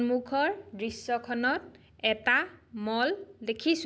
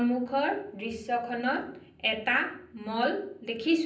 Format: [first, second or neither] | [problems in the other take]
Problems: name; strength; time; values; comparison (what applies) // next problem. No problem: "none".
first | room echo; dies away in 0.6 s